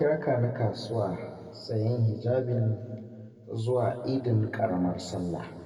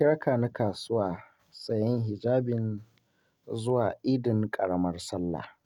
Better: second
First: room echo; dies away in 2.2 s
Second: none

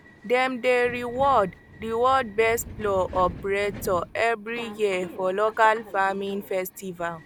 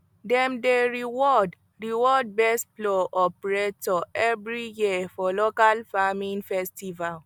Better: second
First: background sound (Subway, metro, underground); 17 dB below the speech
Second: none

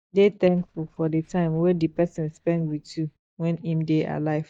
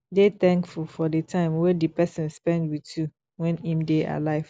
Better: second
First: noise reduction (neural mask model DeepFilterNet 3)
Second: none

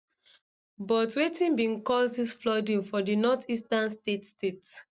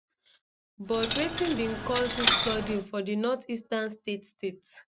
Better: first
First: none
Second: background sound (Coin (dropping)); 1 dB above the speech

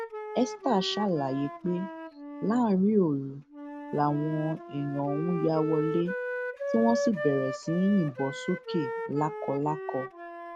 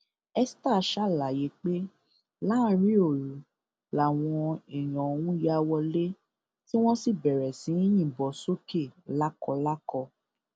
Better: second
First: background sound (Wind instrument, woodwind instrument); 7 dB below the speech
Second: none

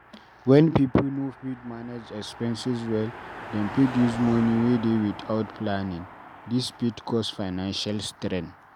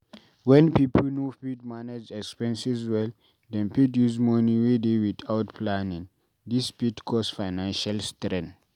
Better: second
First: background sound (Car passing by); 15 dB below the speech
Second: none

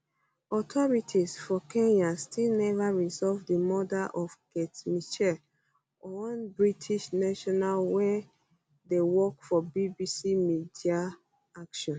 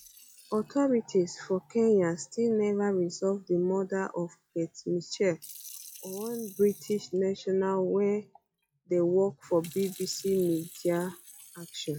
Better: first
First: none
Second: noise reduction (classical method log-MMSE)

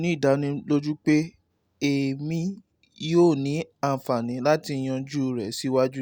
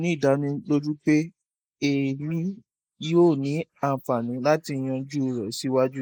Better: first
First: none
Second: noise reduction (neural mask model Resemble Enhance denoiser)

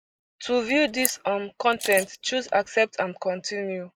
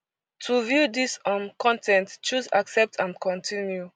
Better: second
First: noise reduction (neural mask model Resemble Enhance denoiser)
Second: none

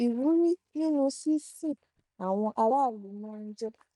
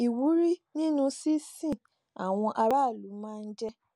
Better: second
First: noise reduction (neural mask model DeepFilterNet 3)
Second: none

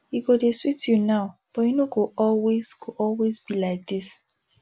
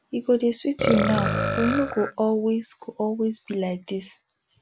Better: first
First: none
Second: background sound (Burping, eructation); 3 dB below the speech

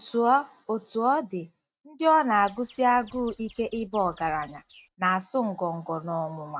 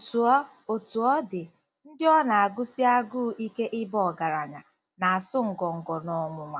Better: second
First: noise reduction (neural mask model RNNoise)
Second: none

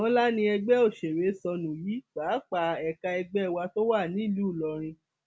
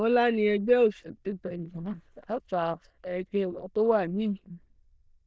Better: first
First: none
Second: noise reduction (neural diffusion model UNIVERSE++)

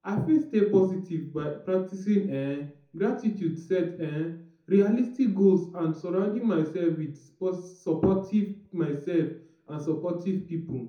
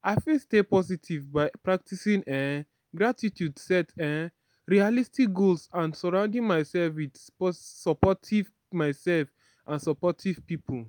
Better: second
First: room echo; dies away in 0.5 s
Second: none

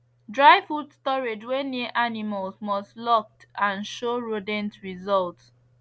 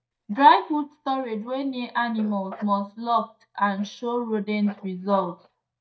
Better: first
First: none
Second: noise reduction (neural mask model DeepFilterNet 3)

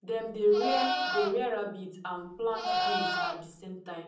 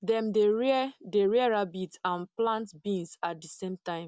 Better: second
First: background sound (Livestock, farm animals, working animals); 1 dB below the speech // room echo; dies away in 0.6 s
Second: none

